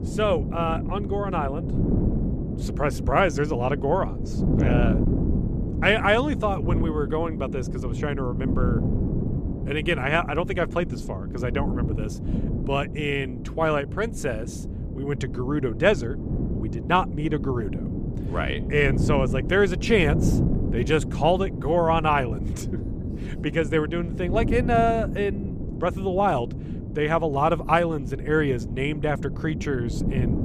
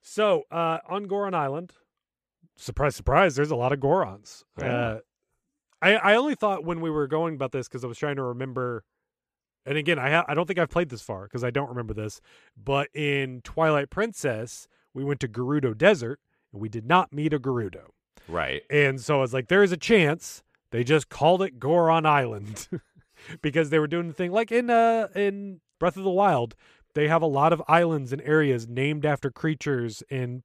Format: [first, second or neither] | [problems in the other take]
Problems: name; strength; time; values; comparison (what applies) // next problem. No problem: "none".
second | wind noise on the microphone; occasional gusts; 10 dB below the speech